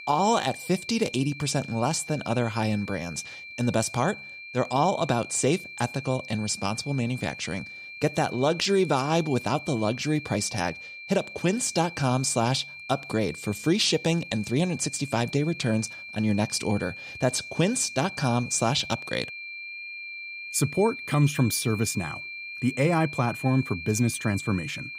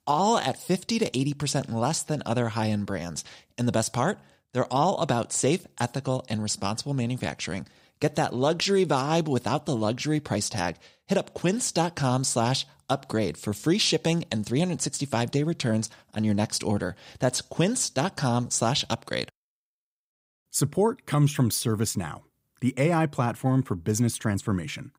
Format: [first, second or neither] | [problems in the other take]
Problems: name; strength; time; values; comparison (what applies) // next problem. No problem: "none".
second | high-pitched whine; noticeable; throughout; 2.5 kHz, 10 dB below the speech